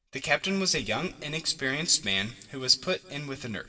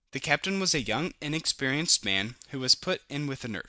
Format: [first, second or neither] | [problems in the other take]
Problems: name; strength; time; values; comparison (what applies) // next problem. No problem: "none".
second | room echo; dies away in 1.6 s